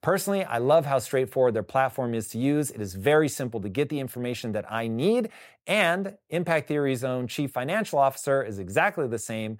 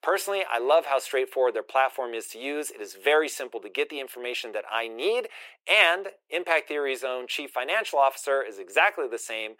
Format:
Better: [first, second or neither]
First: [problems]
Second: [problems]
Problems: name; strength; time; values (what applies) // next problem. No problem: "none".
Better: first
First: none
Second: thin; very; fading below 350 Hz